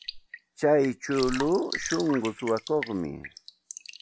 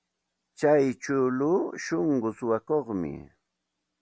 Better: second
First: background sound (Raindrop / Drip); 11 dB below the speech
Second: none

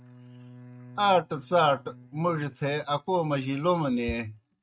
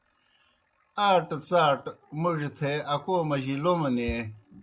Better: second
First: noise reduction (neural mask model RNNoise)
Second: none

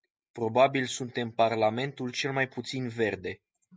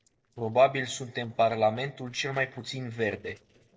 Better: first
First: none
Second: noise reduction (neural separator model SepFormer DNS4)

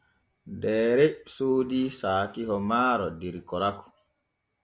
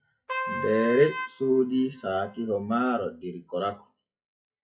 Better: first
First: none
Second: noise reduction (classical method WPE with log-MMSE)

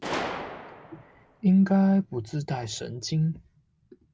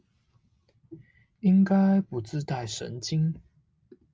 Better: second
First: background sound (Gunshot, gunfire); 13 dB below the speech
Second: none

